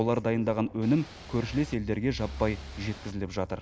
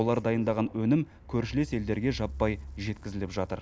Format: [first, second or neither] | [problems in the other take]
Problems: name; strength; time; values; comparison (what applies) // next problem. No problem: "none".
second | background sound (Ocean / Boat, Water vehicle); 18 dB below the speech